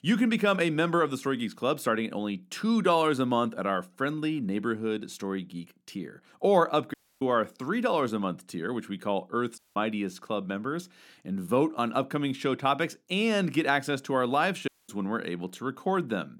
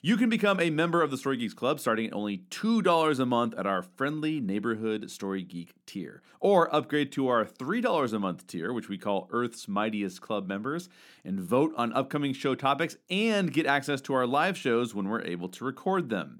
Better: second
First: audio cutting out; at 7 s, at 9.5 s and at 15 s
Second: none

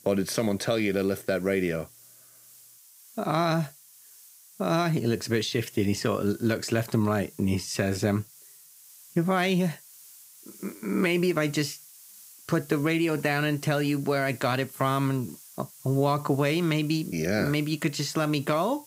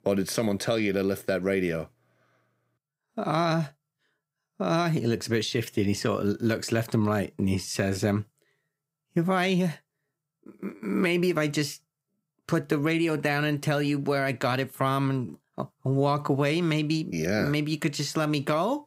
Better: second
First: hiss; faint; throughout; 20 dB below the speech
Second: none

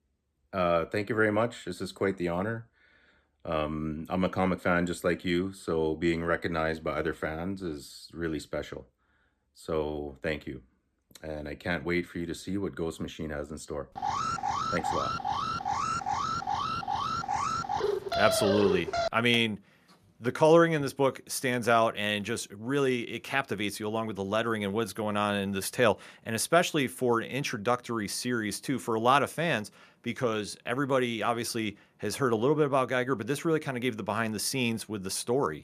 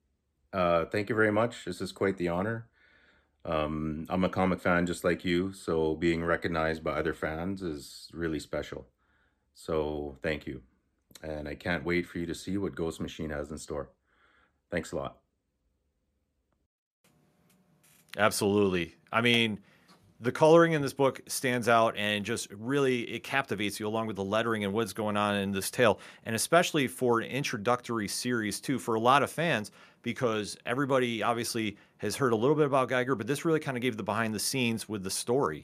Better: second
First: alarm; loud; from 14 to 19 s; peak 1 dB above the speech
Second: none

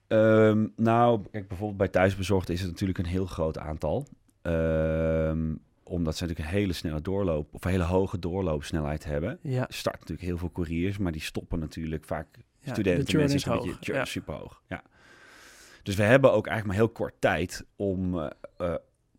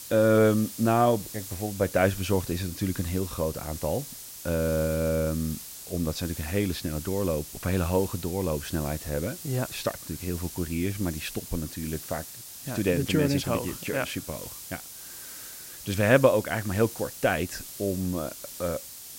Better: first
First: none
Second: hiss; noticeable; throughout; 10 dB below the speech

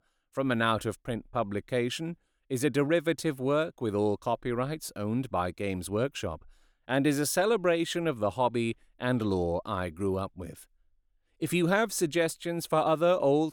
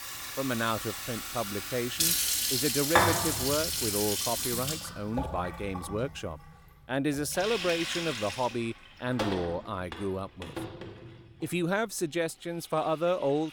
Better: first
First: none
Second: household noises; very loud; throughout; 2 dB above the speech

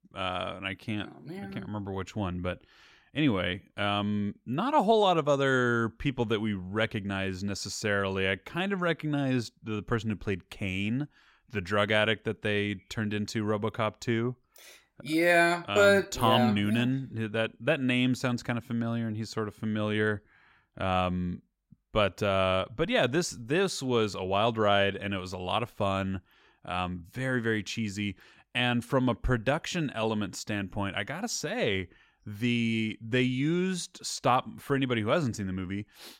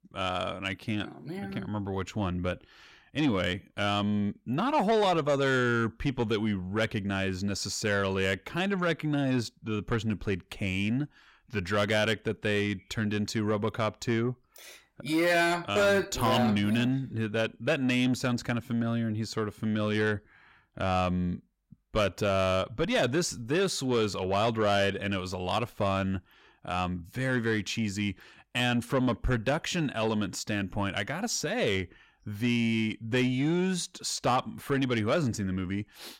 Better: first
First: none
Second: distortion; slight; 10 dB below the speech

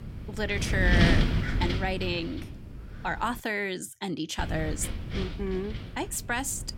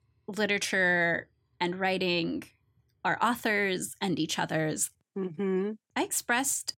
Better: second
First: wind noise on the microphone; heavy; until 3.5 s and from 4.5 s on; 4 dB below the speech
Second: none

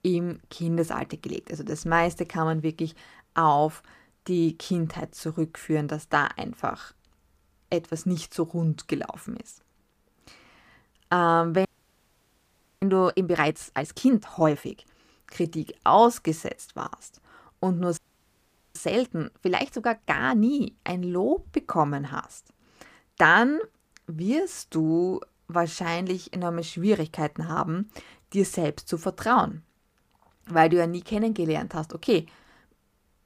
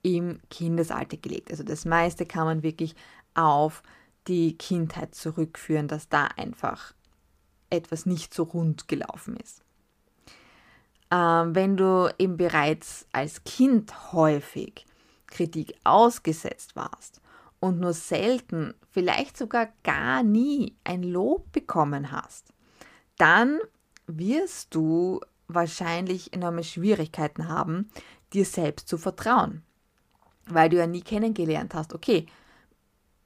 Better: second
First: audio freezing; at 12 s for 1 s and at 18 s for 1 s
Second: none

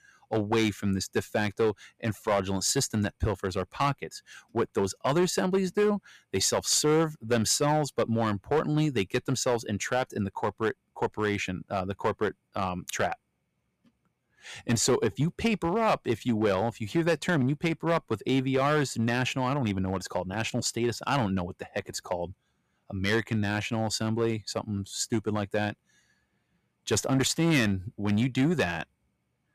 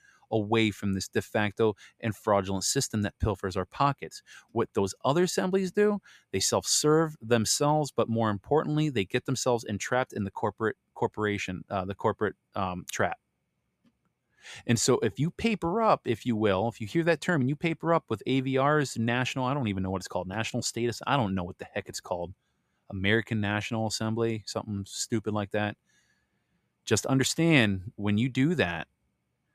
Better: second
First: distortion; slight; 4% of the sound clipped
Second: none

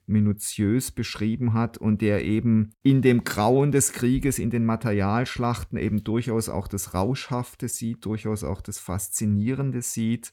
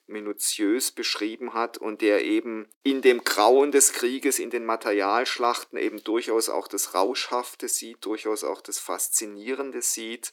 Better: first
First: none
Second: thin; very; fading below 300 Hz

